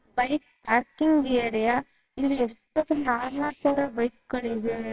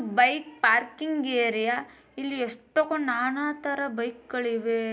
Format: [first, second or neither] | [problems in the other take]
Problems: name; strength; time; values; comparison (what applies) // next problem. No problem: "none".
second | noise reduction (neural separator model SepFormer WHAMR!)